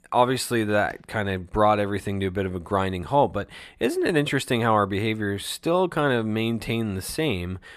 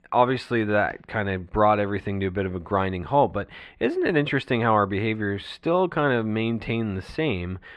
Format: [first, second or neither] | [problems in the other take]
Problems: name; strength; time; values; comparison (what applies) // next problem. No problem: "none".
first | muffled; slightly; fading above 2.5 kHz